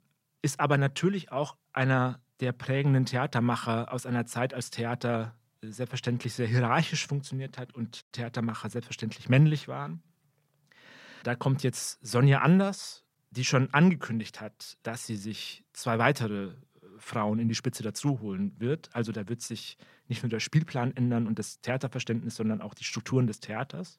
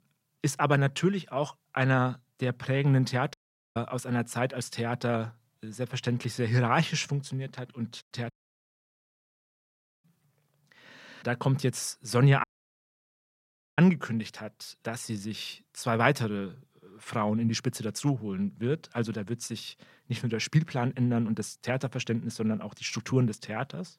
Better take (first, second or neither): first